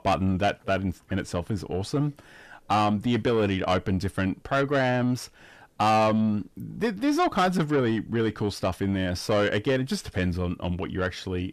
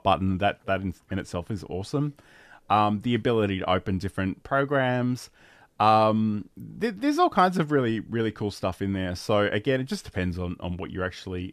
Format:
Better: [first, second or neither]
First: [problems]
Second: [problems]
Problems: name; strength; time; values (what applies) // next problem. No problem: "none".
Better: second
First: distortion; slight; 10 dB below the speech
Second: none